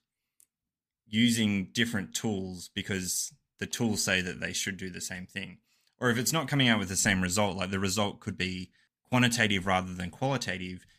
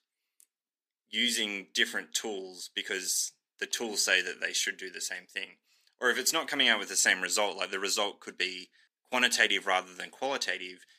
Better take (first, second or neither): first